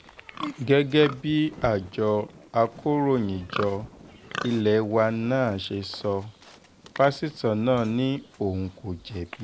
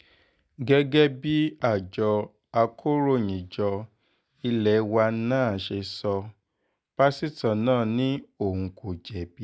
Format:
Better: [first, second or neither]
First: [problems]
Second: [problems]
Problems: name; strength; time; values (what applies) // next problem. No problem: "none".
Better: second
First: background sound (Livestock, farm animals, working animals); 15 dB below the speech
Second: none